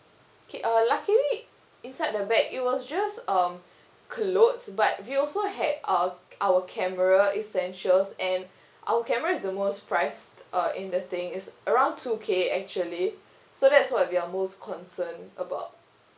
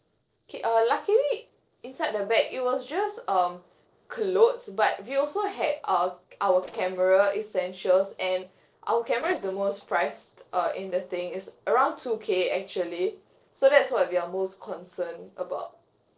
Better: first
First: none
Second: noise reduction (neural separator model SepFormer DNS4)

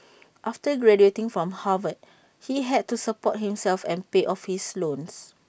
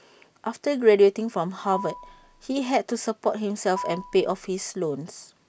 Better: first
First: none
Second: background sound (Marimba, xylophone); 15 dB below the speech

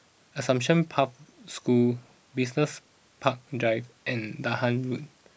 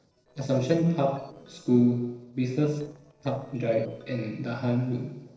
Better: first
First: none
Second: noise reduction (neural separator model SepFormer DNS4)

